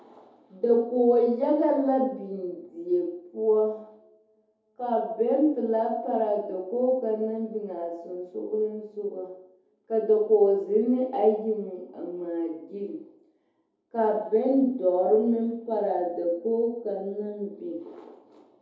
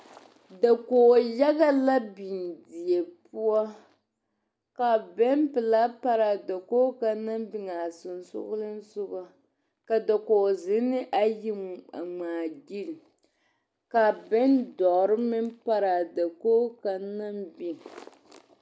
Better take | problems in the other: second | room echo; dies away in 0.8 s

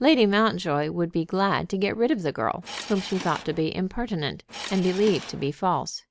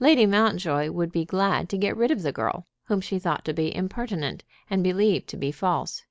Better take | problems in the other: second | background sound (Subway, metro, underground / Engine); 13 dB below the speech

